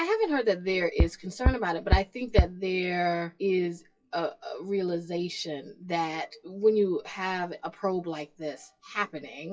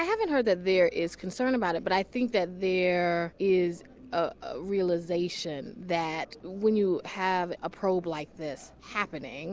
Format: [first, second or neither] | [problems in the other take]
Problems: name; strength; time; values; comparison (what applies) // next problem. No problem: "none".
second | noise reduction (classical method WPE with log-MMSE)